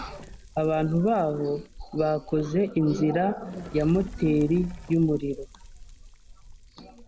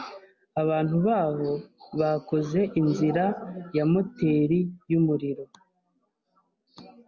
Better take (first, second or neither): second